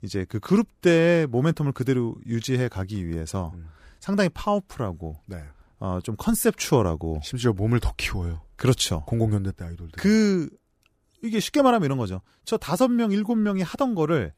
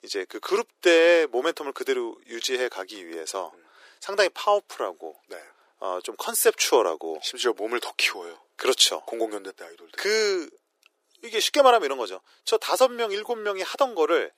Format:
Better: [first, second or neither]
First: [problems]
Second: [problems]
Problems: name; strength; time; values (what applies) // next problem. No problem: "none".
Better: first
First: none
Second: thin; very; fading below 350 Hz